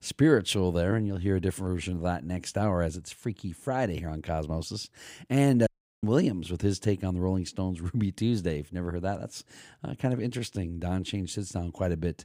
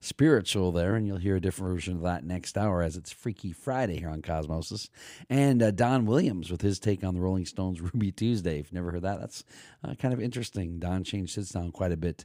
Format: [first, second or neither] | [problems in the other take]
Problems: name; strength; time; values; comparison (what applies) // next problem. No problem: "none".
second | audio cutting out; at 5.5 s